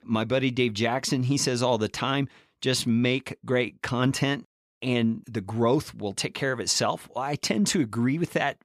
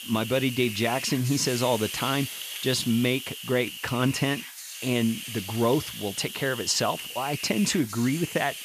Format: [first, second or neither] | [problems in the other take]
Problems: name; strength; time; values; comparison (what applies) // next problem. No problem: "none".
first | hiss; loud; throughout; 8 dB below the speech